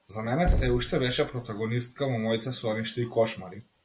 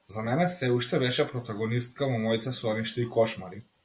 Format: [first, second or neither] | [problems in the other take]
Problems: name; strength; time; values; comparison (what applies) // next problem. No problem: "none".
second | background sound (Knock); 5 dB below the speech